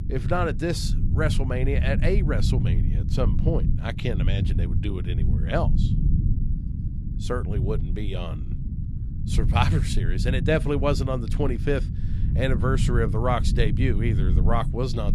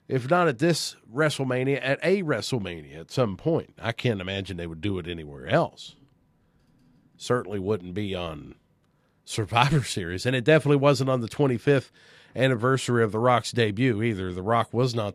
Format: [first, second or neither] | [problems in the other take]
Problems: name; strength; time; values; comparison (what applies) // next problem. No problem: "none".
second | low rumble; loud; throughout; 9 dB below the speech